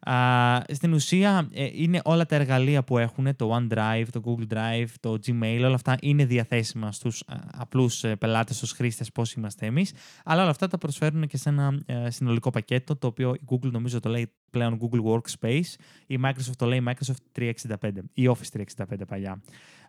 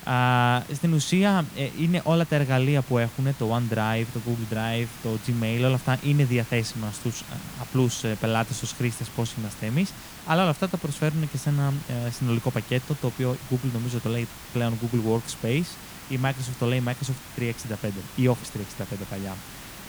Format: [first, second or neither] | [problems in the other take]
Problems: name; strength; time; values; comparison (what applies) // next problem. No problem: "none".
first | hiss; noticeable; throughout; 15 dB below the speech